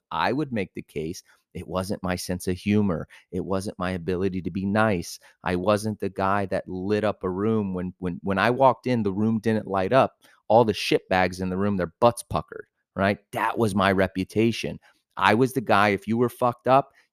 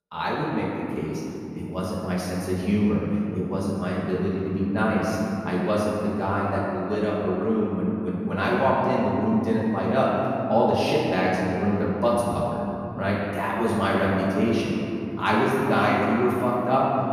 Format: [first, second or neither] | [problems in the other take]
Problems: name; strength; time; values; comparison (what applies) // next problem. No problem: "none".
first | off-mic speech; far // room echo; strong; dies away in 3 s